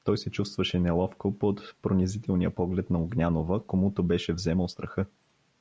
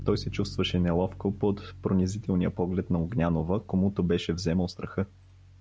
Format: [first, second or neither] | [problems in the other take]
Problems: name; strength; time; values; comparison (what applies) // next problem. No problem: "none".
first | background sound (Bass guitar); 16 dB below the speech